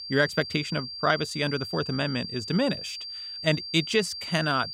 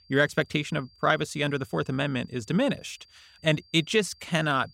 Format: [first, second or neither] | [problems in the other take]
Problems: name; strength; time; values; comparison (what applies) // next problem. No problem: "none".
second | high-pitched whine; loud; throughout; 4.5 kHz, 7 dB below the speech; faint in the second